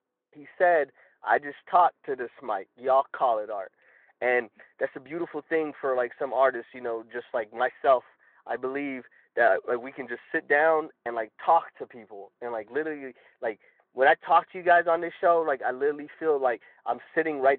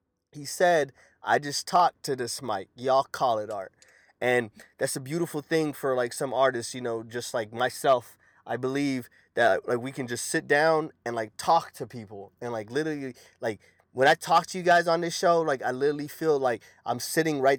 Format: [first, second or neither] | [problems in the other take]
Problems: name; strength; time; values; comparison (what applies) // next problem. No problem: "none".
second | phone-call audio